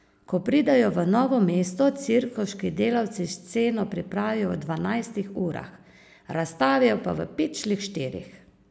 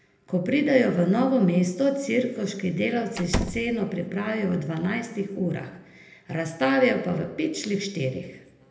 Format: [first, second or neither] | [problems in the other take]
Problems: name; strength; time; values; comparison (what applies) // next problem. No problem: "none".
first | background sound (Slam); 4 dB below the speech // room echo; dies away in 0.8 s